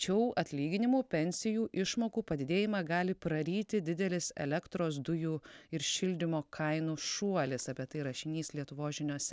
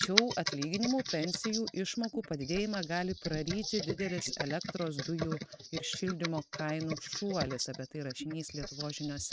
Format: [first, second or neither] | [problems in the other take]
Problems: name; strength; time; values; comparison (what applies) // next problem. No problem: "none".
first | noise reduction (neural mask model RNNoise)